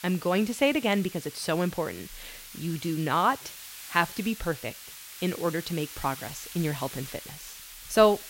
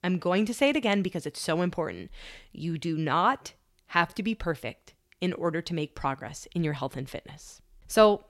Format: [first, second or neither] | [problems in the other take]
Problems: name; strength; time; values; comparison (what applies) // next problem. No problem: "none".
second | hiss; noticeable; throughout; 15 dB below the speech